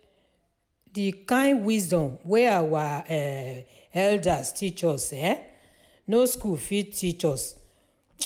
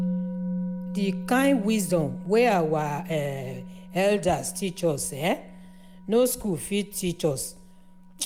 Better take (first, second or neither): first